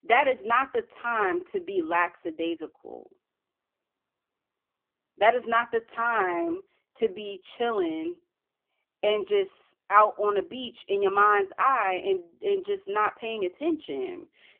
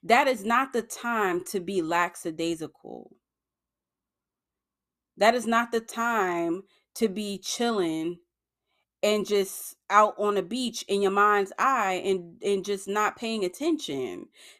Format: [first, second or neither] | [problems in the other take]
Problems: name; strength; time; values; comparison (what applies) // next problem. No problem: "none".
second | phone-call audio; poor line; nothing above 3 kHz